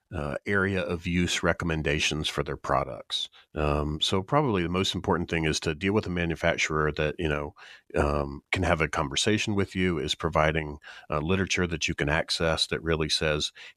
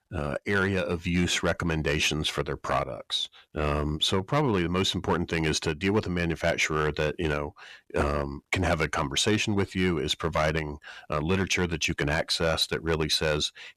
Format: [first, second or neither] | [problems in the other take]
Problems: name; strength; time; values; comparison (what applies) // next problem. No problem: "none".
first | distortion; slight; 3% of the sound clipped